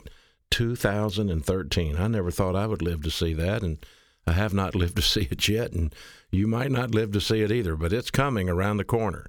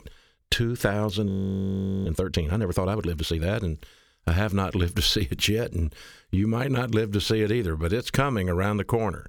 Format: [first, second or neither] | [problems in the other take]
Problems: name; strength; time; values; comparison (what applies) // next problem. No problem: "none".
first | audio freezing; at 1.5 s for 1 s